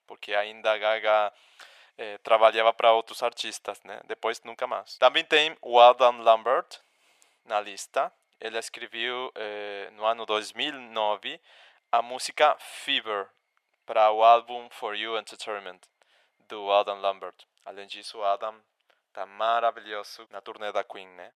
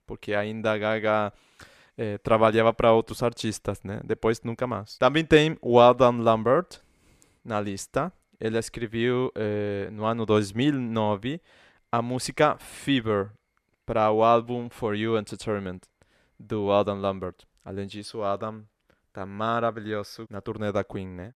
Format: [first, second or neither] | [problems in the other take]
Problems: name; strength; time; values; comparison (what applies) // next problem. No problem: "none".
second | thin; very; fading below 750 Hz